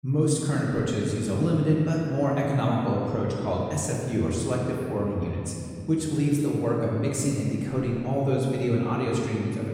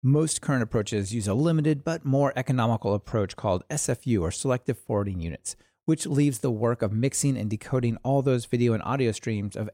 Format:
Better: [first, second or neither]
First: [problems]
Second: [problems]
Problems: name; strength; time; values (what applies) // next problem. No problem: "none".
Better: second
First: room echo; noticeable; dies away in 2.5 s // off-mic speech; far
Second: none